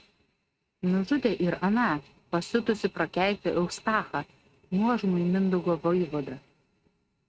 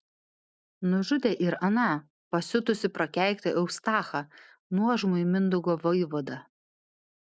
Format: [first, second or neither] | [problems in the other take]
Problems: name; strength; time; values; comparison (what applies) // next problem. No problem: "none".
second | noise reduction (neural mask model RNNoise)